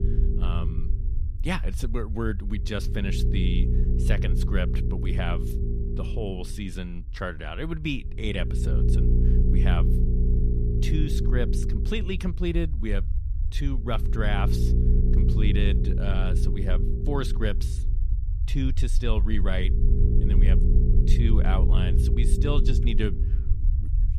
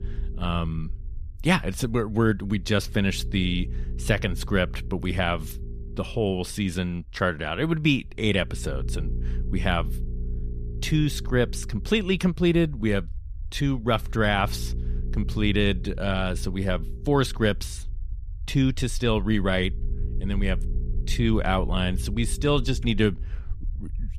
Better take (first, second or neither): second